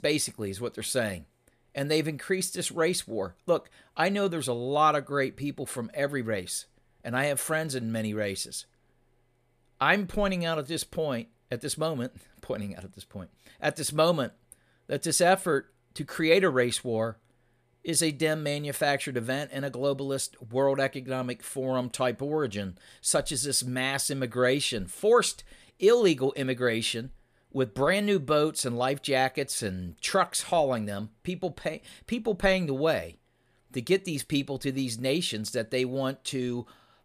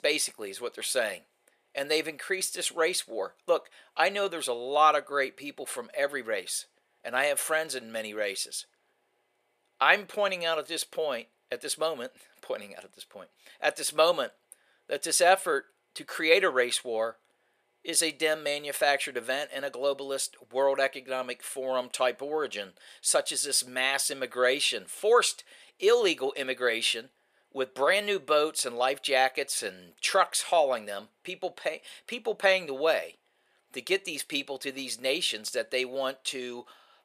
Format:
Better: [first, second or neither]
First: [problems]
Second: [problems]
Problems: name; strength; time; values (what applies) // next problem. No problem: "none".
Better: first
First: none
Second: thin; somewhat; fading below 550 Hz